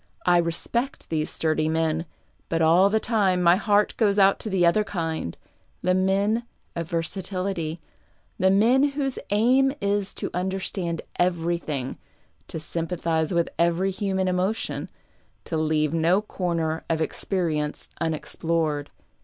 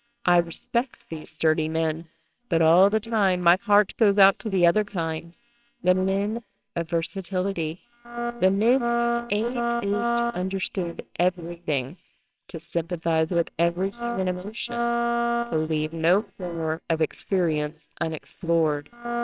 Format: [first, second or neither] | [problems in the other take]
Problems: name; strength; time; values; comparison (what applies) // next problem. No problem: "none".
first | noise reduction (neural separator model SepFormer WHAMR!)